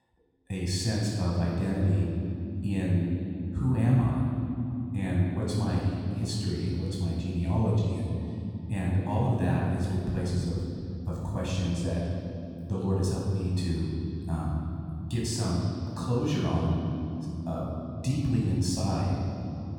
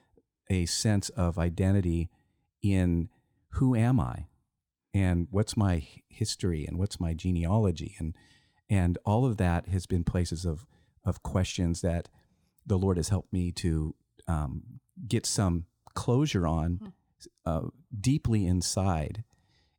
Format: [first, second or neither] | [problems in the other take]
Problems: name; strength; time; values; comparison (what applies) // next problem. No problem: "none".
second | room echo; strong; dies away in 3 s // off-mic speech; far